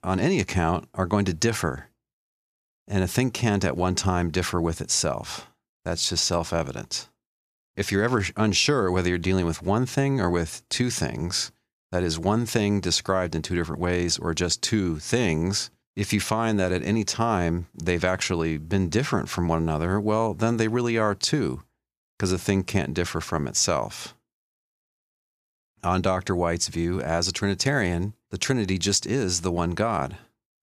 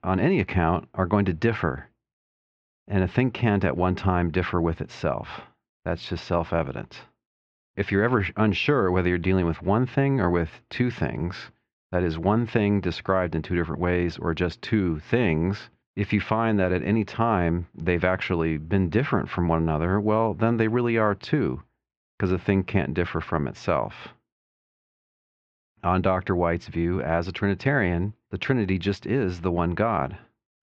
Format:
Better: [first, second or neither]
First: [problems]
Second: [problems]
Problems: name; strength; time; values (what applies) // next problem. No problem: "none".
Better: first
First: none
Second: muffled; very; fading above 3 kHz